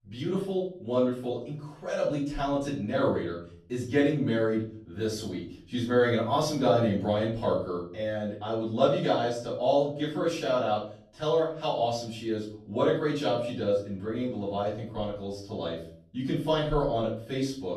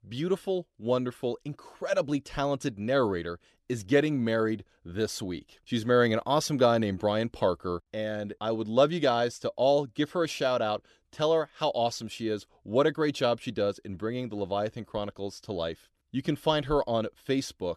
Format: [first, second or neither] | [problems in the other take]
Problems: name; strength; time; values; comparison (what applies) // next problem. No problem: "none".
second | room echo; noticeable; dies away in 0.5 s // off-mic speech; far